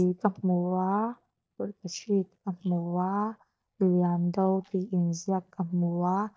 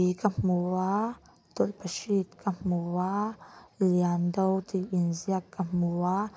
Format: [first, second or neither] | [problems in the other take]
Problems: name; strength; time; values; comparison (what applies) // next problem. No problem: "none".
second | noise reduction (neural mask model DeepFilterNet 3)